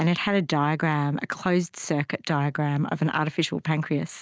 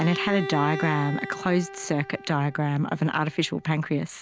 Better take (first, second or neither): first